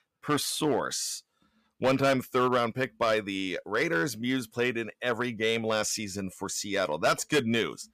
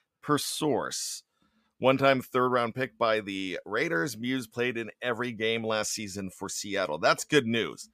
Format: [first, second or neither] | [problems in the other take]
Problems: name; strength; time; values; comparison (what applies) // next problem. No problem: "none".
second | distortion; slight; 3% of the sound clipped